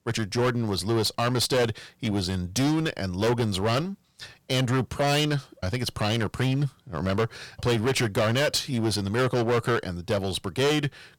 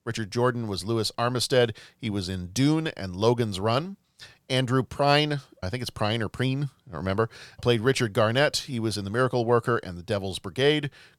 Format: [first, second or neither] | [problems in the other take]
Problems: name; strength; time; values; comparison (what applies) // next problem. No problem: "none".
second | distortion; heavy; 14% of the sound clipped